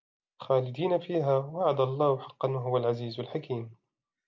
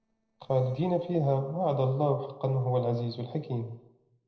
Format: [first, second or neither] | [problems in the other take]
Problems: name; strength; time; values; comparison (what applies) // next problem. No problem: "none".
first | noise reduction (neural separator model SepFormer DNS4)